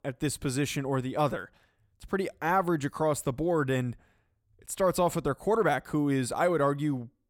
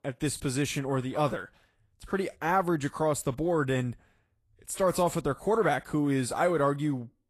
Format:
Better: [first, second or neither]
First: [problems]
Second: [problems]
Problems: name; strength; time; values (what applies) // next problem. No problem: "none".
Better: first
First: none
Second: garbled, watery; slightly; nothing above 12.5 kHz